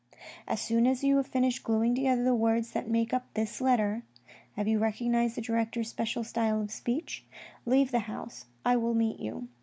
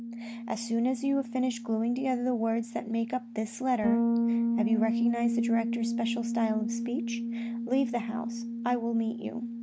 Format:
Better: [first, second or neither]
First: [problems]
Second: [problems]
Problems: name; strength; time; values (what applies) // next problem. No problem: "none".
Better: first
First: none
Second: background sound (Bass guitar); 1 dB below the speech